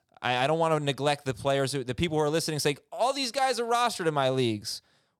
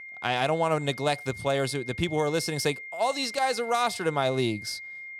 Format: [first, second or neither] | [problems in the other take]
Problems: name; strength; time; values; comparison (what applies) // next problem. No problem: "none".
first | high-pitched whine; noticeable; throughout; 2 kHz, 10 dB below the speech